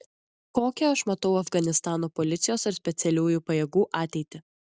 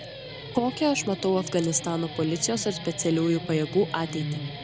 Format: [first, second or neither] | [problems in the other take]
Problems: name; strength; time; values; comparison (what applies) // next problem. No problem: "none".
first | background sound (Guitar); 10 dB below the speech